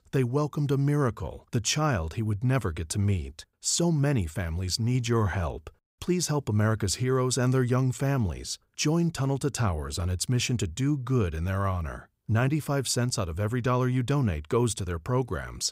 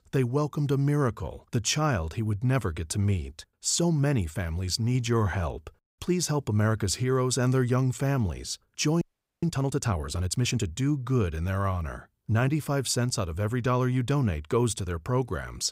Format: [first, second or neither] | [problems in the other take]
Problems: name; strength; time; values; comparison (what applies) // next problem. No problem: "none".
first | audio freezing; at 9 s